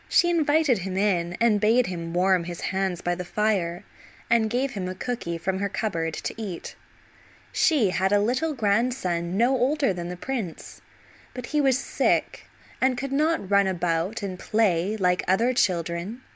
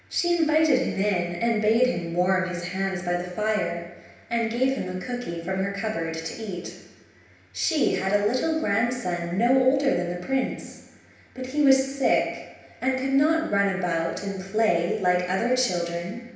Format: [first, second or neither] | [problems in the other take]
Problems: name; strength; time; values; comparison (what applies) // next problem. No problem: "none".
first | room echo; dies away in 0.9 s